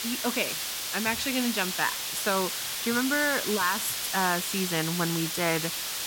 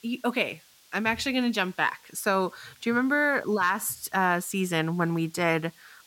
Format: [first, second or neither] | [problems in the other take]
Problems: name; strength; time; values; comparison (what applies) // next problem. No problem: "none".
second | hiss; loud; throughout; 1 dB below the speech; faint in the second